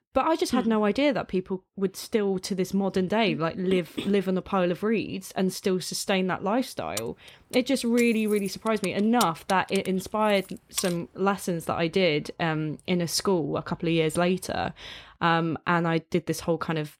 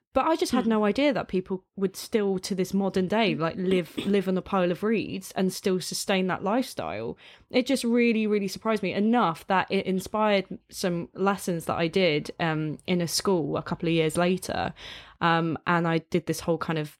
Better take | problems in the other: second | jangling keys; noticeable; from 7 to 11 s; peak 6 dB below the speech

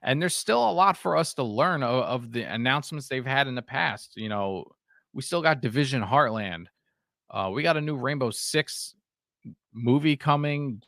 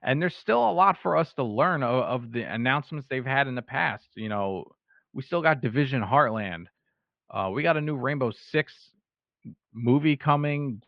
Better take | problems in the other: first | muffled; very; fading above 3 kHz

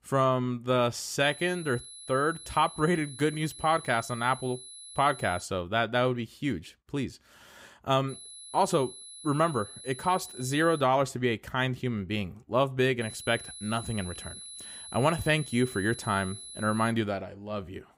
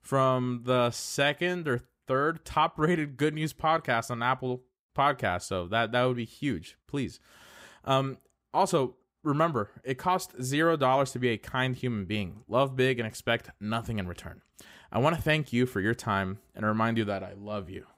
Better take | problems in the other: second | high-pitched whine; noticeable; from 1 to 5.5 s, from 8 to 11 s and from 13 to 17 s; 4 kHz, 15 dB below the speech

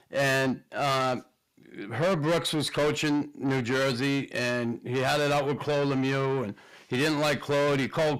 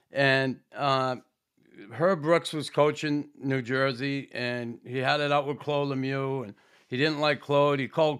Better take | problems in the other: second | distortion; heavy; 5 dB below the speech

